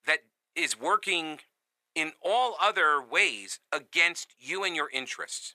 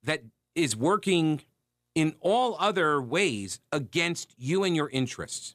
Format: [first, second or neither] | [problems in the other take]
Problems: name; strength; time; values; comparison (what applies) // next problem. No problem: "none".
second | thin; very; fading below 650 Hz